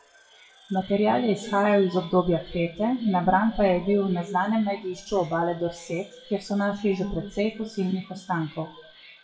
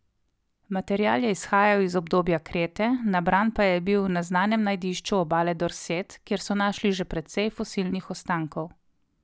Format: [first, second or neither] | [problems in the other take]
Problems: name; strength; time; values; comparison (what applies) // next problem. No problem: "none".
second | noise reduction (classical method WPE with log-MMSE)